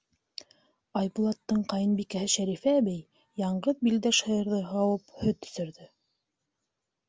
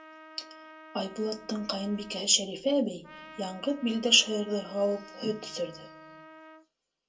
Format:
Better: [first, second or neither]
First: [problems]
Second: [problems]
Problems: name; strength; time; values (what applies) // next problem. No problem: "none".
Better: first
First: none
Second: background sound (Trumpet); 19 dB below the speech // room echo; dies away in 0.2 s